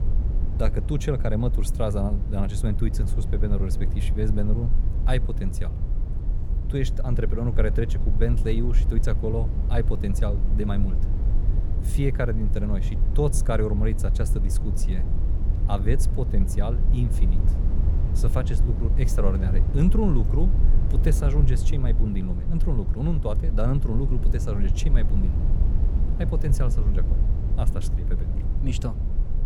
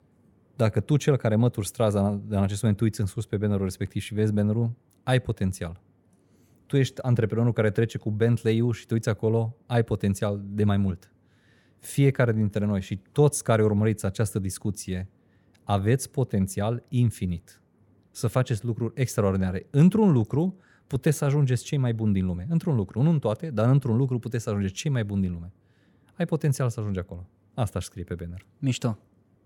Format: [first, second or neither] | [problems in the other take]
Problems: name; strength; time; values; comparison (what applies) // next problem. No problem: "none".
second | low rumble; loud; throughout; 8 dB below the speech